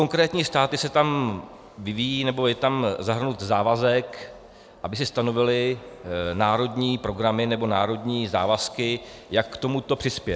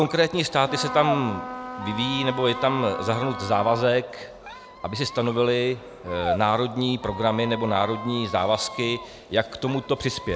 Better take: first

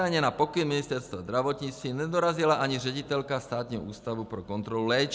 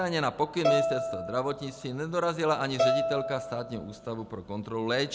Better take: first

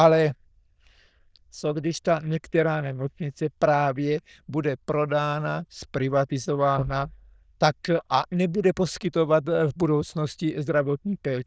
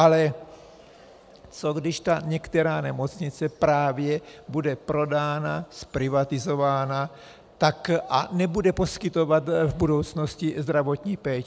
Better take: second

